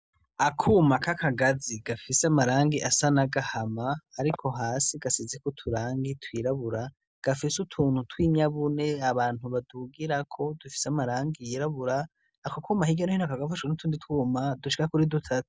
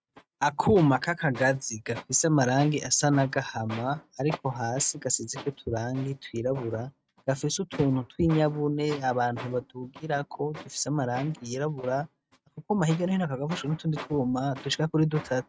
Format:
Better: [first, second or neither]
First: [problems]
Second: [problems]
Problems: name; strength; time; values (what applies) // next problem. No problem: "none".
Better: first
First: none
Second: noise reduction (neural mask model RNNoise)